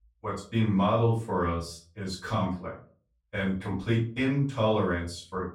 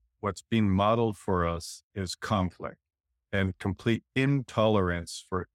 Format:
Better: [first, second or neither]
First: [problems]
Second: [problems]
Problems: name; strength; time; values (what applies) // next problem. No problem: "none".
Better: second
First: off-mic speech; far // room echo; slight; dies away in 0.3 s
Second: none